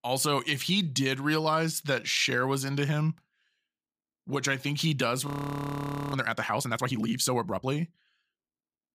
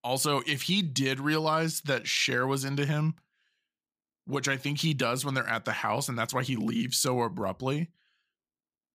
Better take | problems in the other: second | audio freezing; at 5.5 s for 1 s

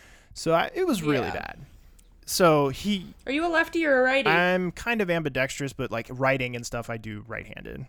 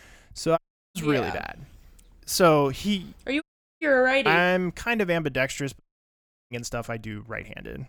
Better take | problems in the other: first | audio cutting out; at 0.5 s, at 3.5 s and at 6 s for 0.5 s

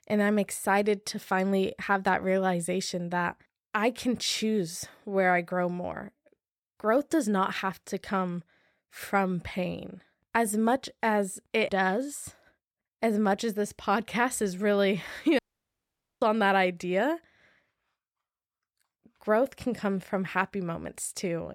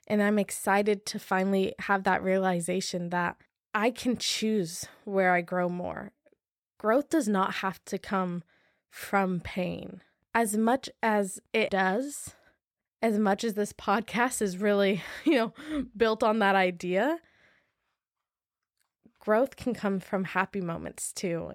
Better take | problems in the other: second | audio cutting out; at 15 s for 1 s

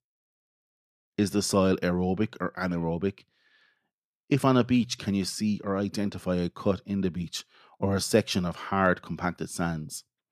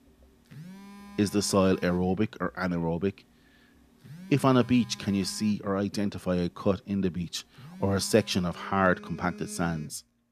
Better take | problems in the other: first | alarms or sirens; noticeable; throughout; 20 dB below the speech

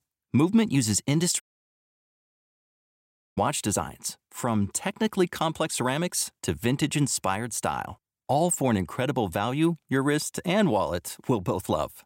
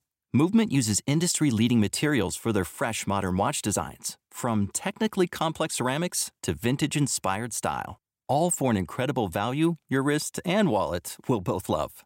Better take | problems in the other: second | audio cutting out; at 1.5 s for 2 s

